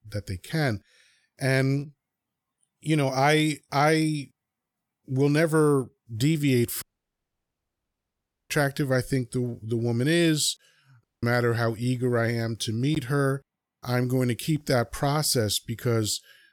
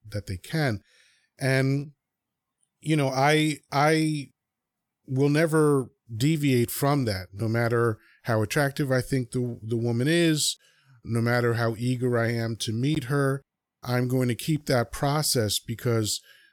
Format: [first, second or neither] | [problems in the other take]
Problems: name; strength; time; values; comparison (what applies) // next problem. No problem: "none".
second | audio cutting out; at 7 s for 1.5 s and at 11 s